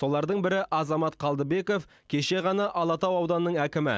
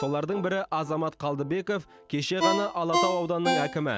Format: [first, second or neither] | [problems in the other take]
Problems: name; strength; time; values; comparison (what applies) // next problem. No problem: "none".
first | background sound (Ringtone); 3 dB below the speech